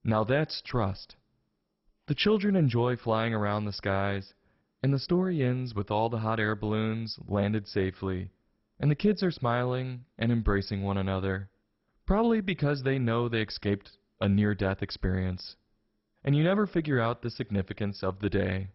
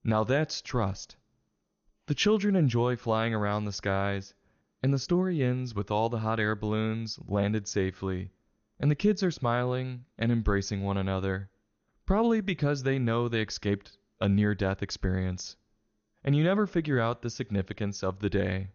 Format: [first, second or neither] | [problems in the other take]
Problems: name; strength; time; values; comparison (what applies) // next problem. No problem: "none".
second | garbled, watery; badly; nothing above 5.5 kHz; slightly in the second